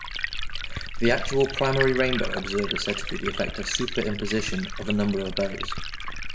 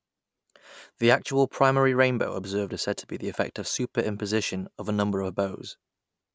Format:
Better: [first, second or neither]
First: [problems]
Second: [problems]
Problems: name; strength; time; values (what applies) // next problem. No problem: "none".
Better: second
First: background sound (Liquid); 2 dB below the speech // room echo; dies away in 0.5 s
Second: none